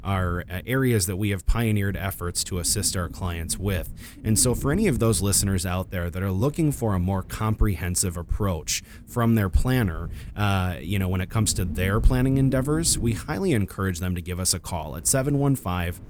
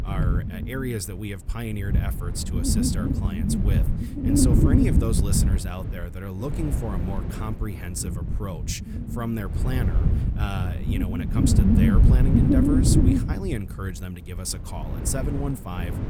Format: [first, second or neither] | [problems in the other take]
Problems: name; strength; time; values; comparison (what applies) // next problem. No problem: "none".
first | wind noise on the microphone; heavy; 2 dB above the speech; occasional gusts in the first